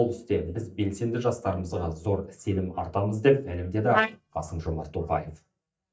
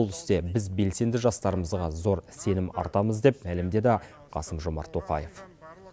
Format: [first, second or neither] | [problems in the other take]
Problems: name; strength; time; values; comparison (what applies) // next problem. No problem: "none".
second | noise reduction (neural mask model DeepFilterNet 3)